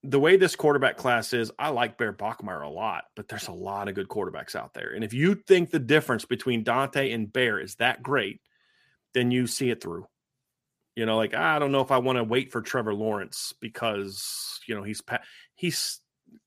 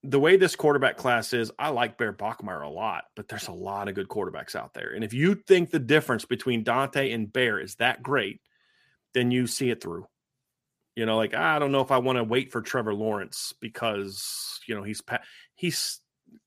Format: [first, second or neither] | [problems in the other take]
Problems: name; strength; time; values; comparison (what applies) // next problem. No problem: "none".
neither | none